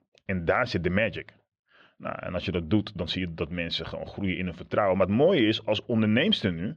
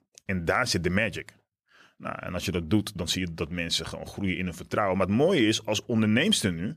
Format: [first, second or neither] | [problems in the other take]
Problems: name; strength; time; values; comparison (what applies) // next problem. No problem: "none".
second | muffled; slightly; fading above 3.5 kHz